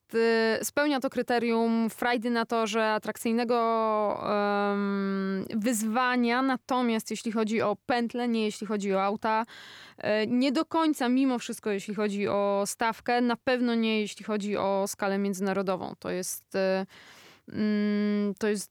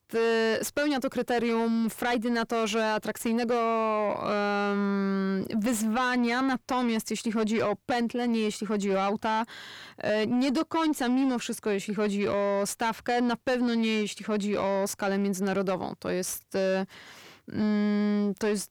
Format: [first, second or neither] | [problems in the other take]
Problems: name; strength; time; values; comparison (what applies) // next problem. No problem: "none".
first | distortion; slight; 10 dB below the speech